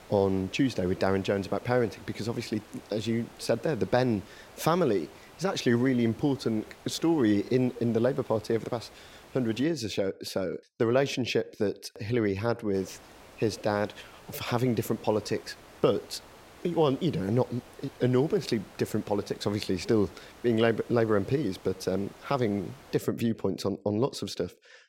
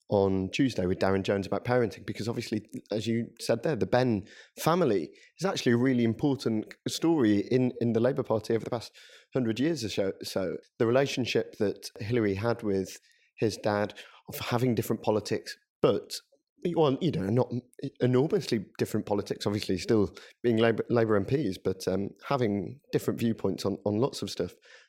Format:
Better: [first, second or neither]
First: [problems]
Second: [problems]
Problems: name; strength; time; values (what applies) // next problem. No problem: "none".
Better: second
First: hiss; faint; until 9.5 s and from 13 to 23 s; 20 dB below the speech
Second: none